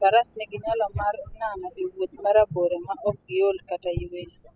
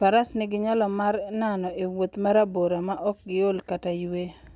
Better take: second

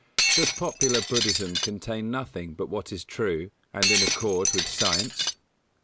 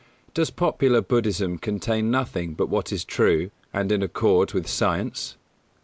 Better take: second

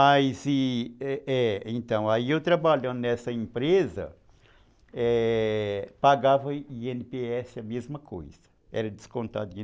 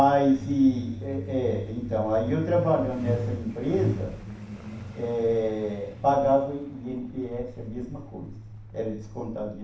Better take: first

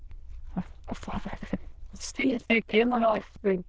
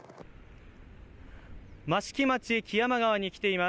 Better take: second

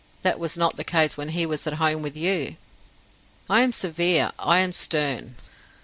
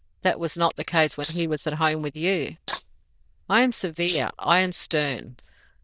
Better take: first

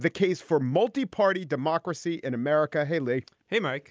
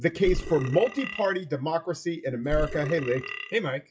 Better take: first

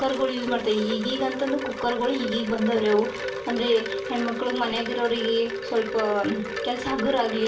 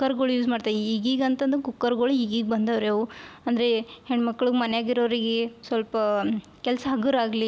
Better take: second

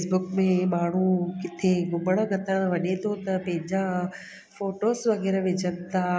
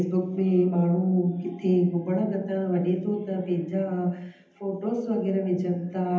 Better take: first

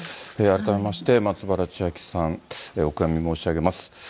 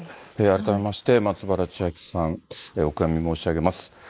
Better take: first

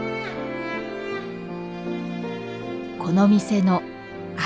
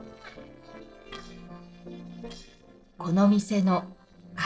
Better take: first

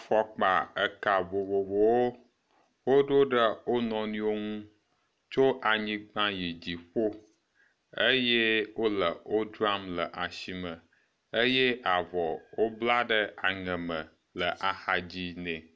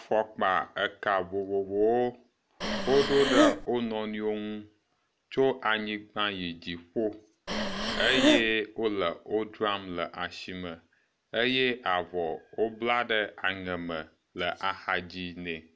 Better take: first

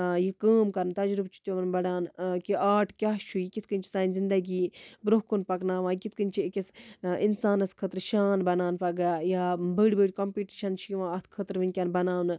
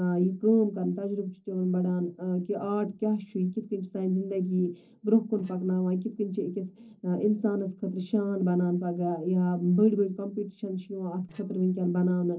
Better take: first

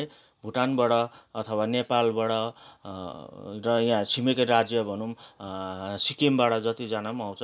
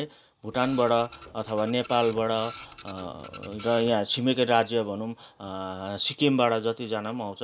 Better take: first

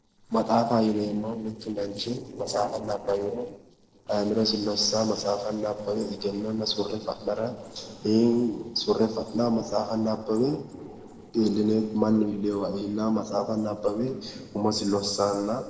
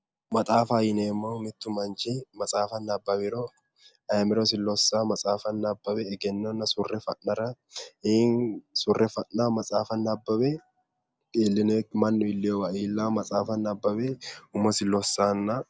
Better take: second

